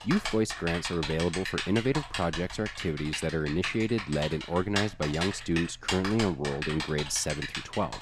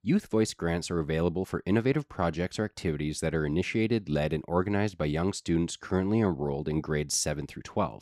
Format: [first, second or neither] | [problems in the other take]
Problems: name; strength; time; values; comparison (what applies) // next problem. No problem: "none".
second | household noises; loud; throughout; 5 dB below the speech